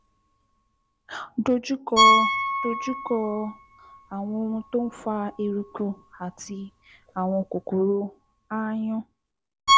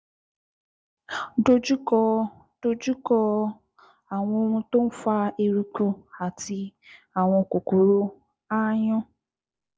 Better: second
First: background sound (Piano); 1 dB above the speech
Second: none

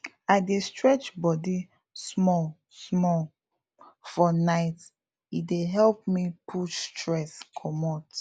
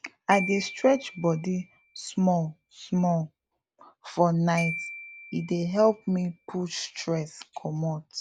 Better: first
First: none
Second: background sound (Glockenspiel); 14 dB below the speech

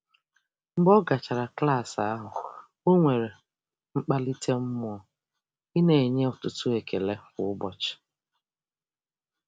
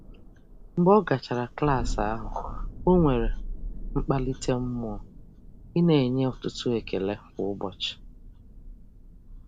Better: first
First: none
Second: background sound (Thunder); 8 dB below the speech

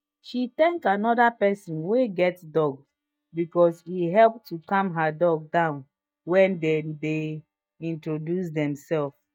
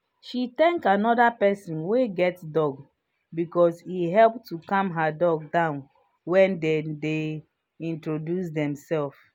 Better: second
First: noise reduction (neural mask model DeepFilterNet 3)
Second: none

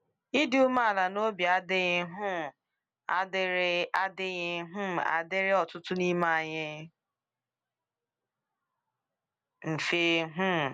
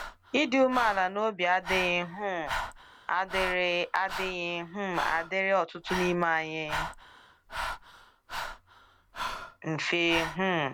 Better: first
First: none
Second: background sound (Breathing); 9 dB below the speech

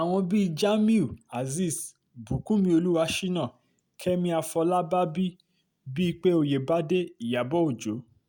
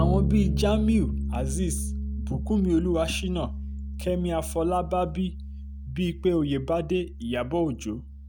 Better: first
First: none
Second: background sound (Bass guitar); 3 dB below the speech

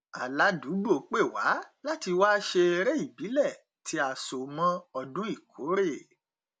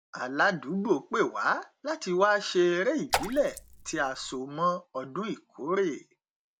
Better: first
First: none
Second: background sound (Raindrop / Splash, splatter); 6 dB below the speech

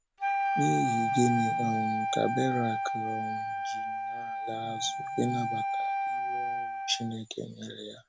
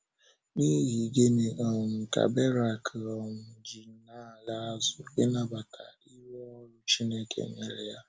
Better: second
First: background sound (Wind instrument, woodwind instrument); 2 dB above the speech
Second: none

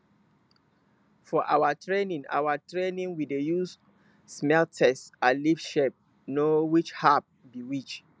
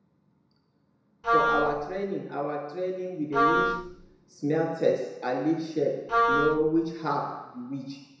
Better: first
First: none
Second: background sound (Wind instrument, woodwind instrument); 3 dB above the speech // room echo; dies away in 0.9 s

